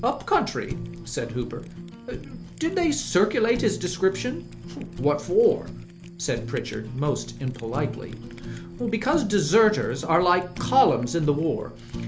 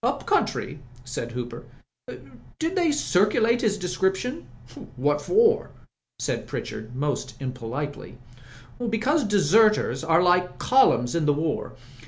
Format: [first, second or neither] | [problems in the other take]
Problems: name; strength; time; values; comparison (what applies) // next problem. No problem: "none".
second | background sound (Fire); 12 dB below the speech